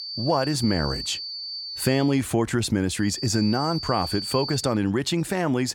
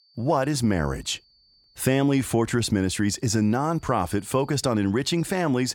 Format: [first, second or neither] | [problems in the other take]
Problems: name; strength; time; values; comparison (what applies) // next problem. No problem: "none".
second | high-pitched whine; loud; until 2 s and from 3 to 4.5 s; 4.5 kHz, 7 dB below the speech; faint in the second